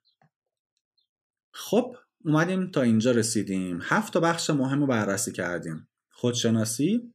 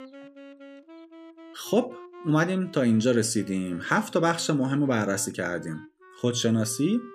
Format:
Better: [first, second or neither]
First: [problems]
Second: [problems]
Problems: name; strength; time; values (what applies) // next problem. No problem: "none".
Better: first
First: none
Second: background music; faint; throughout; 20 dB below the speech